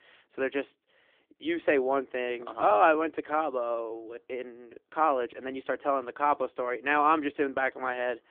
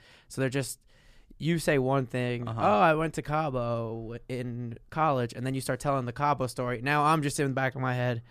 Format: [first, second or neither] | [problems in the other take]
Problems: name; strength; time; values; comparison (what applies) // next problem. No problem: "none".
second | phone-call audio